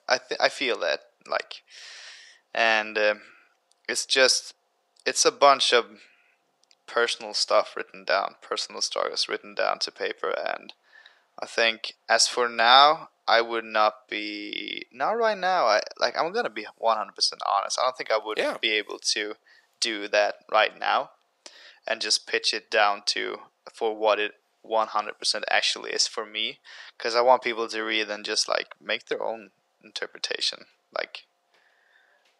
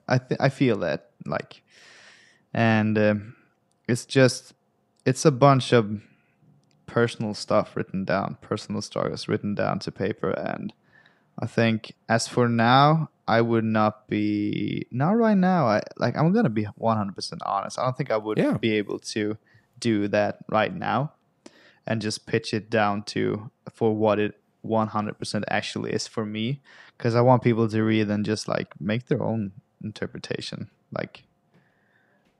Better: second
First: thin; very; fading below 500 Hz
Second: none

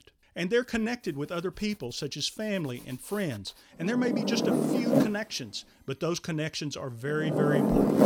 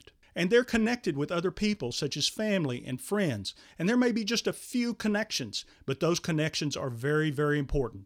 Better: second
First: household noises; very loud; throughout; 4 dB above the speech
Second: none

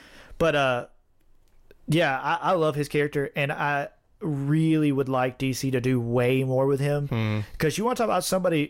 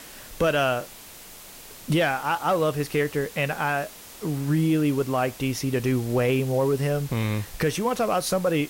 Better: first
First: none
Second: hiss; noticeable; throughout; 15 dB below the speech

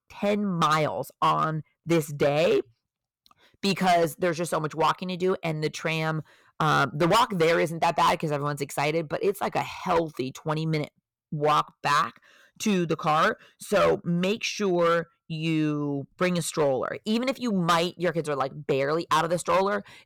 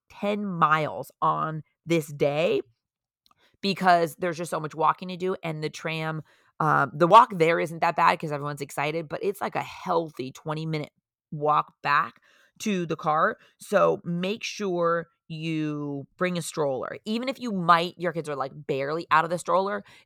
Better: second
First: distortion; heavy; 7% of the sound clipped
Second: none

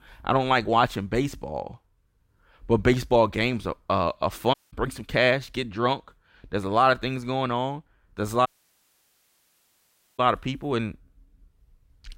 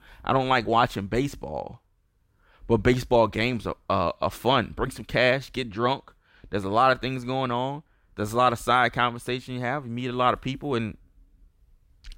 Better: second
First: audio cutting out; at 4.5 s and at 8.5 s for 1.5 s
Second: none

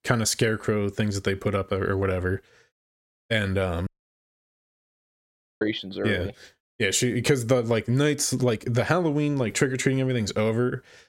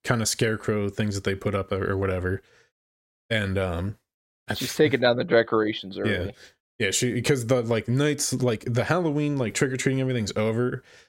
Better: second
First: audio cutting out; at 4 s for 1.5 s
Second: none

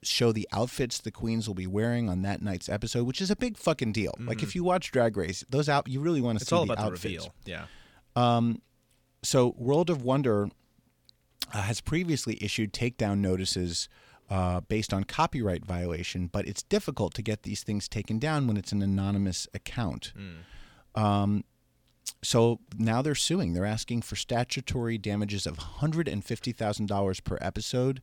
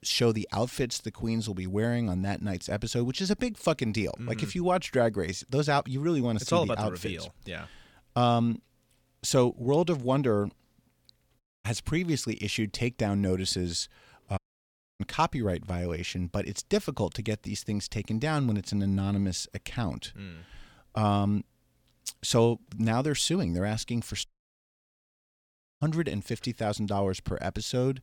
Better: first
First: none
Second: audio cutting out; at 11 s, at 14 s for 0.5 s and at 24 s for 1.5 s

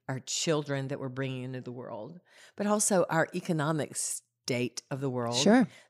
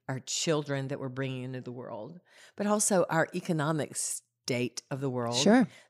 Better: neither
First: none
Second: none

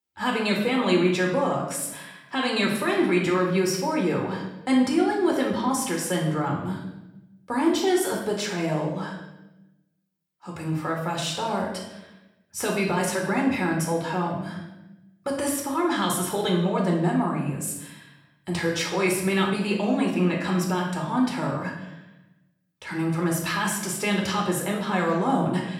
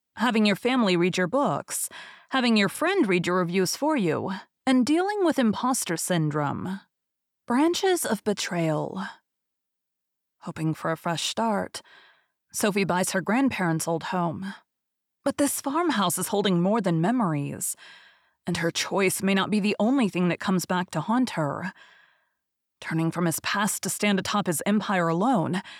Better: second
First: room echo; noticeable; dies away in 0.8 s // off-mic speech; somewhat distant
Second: none

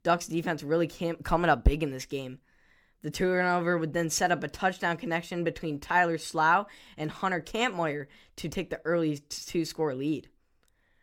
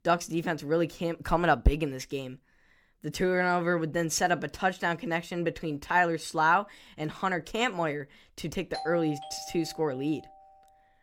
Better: first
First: none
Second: doorbell; noticeable; from 8.5 to 10 s; peak 9 dB below the speech

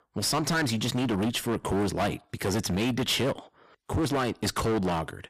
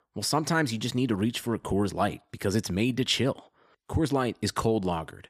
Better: second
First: distortion; heavy; 23% of the sound clipped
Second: none

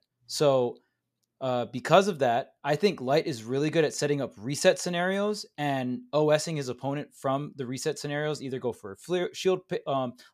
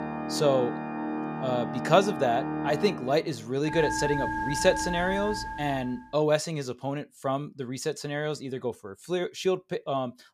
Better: first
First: none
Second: background music; loud; until 5.5 s; 4 dB below the speech

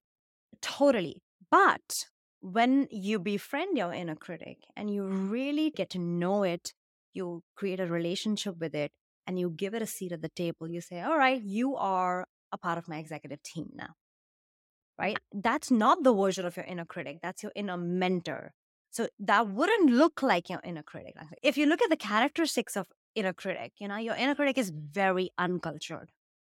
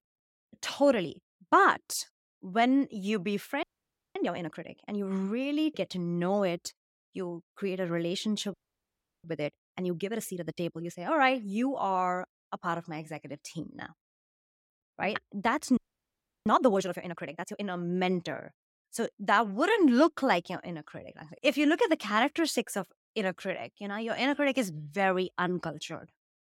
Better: first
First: none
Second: audio freezing; at 3.5 s for 0.5 s, at 8.5 s for 0.5 s and at 16 s for 0.5 s

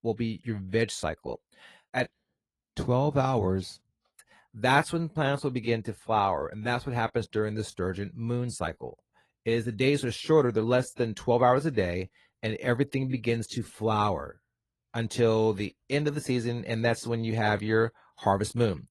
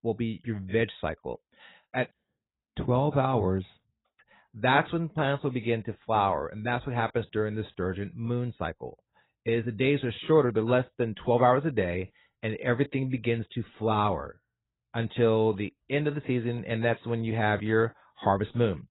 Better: first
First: garbled, watery; slightly; nothing above 11 kHz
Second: garbled, watery; badly; nothing above 4 kHz

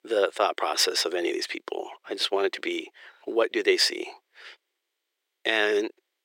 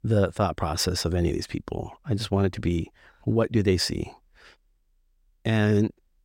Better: second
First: thin; very; fading below 350 Hz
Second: none

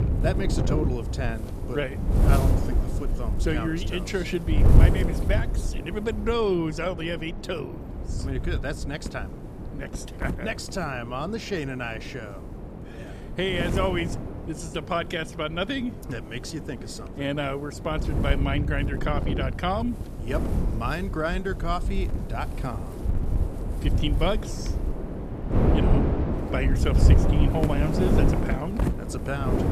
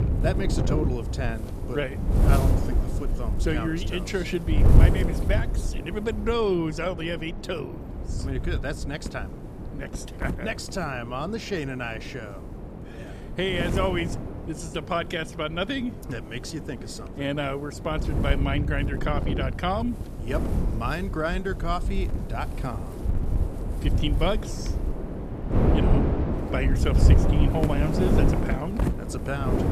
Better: neither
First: wind noise on the microphone; heavy; 5 dB below the speech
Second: wind noise on the microphone; heavy; 5 dB below the speech

